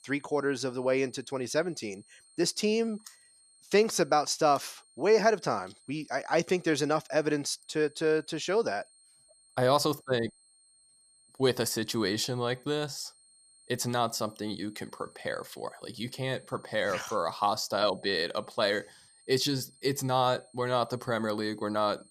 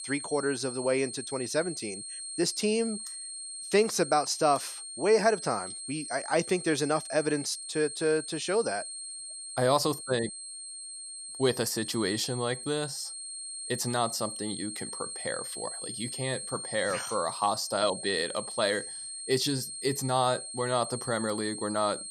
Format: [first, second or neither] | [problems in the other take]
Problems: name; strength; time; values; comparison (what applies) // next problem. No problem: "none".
first | high-pitched whine; loud; throughout; 8.5 kHz, 7 dB below the speech; faint in the first